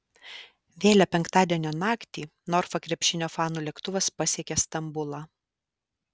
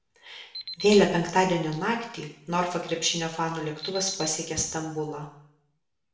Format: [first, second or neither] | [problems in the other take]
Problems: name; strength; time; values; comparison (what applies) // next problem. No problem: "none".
first | background sound (Alarm); 13 dB below the speech // room echo; dies away in 0.7 s